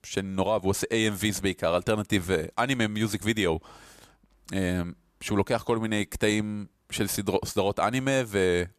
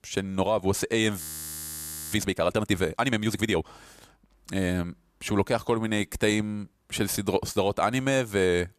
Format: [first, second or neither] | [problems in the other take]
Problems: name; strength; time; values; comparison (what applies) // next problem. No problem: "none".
first | audio freezing; at 1 s for 1 s